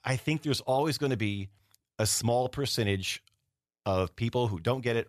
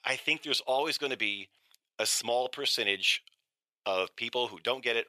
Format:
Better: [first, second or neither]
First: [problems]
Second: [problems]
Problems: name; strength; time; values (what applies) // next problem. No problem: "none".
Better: first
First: none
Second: thin; very; fading below 500 Hz